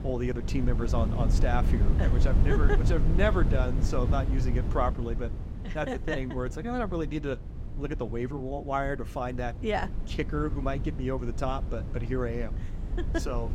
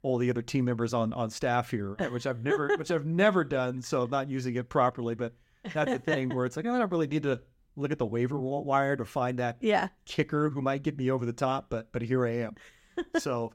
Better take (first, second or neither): second